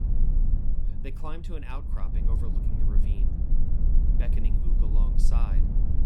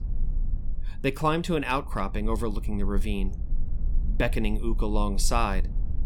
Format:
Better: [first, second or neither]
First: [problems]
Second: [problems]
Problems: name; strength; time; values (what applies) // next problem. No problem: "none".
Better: second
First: low rumble; loud; throughout; 1 dB below the speech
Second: low rumble; faint; throughout; 25 dB below the speech